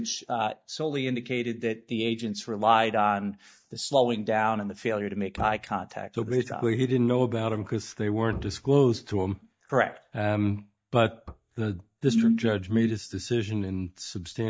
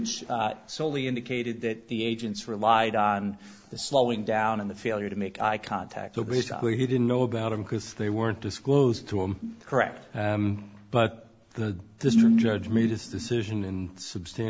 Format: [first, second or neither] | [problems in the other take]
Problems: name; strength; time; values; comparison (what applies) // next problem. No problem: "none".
second | noise reduction (neural mask model DeepFilterNet 3)